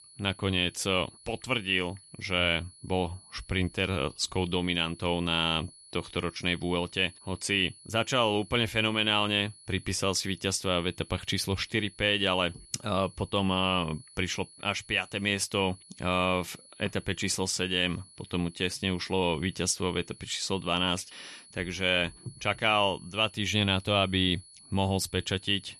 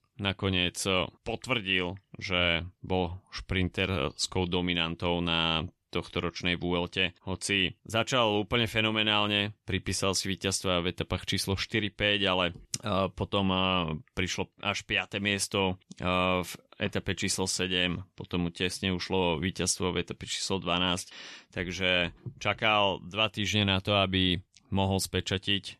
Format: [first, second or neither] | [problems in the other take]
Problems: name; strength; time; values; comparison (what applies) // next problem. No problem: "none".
second | high-pitched whine; faint; throughout; 10 kHz, 20 dB below the speech